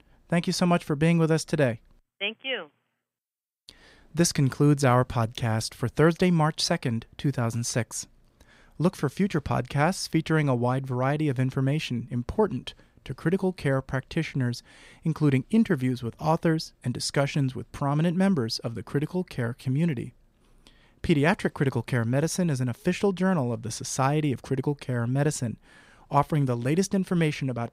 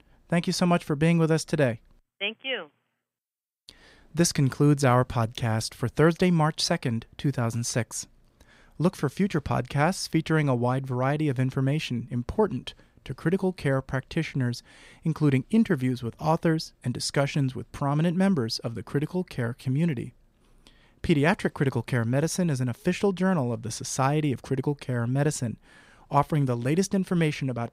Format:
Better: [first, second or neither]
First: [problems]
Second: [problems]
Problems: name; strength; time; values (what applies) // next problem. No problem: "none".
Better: neither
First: none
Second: none